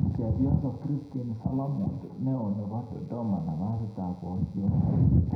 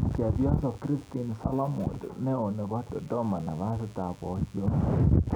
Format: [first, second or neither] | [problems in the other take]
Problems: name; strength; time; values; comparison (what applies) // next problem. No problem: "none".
second | room echo; dies away in 0.8 s